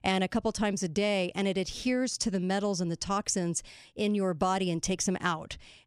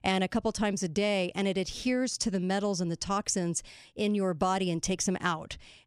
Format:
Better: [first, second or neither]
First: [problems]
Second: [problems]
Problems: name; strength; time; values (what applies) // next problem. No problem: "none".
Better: neither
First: none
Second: none